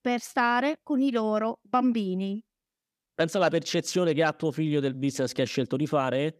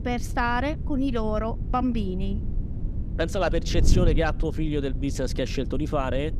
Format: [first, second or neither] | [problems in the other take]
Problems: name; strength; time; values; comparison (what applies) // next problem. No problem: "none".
first | wind noise on the microphone; occasional gusts; 15 dB below the speech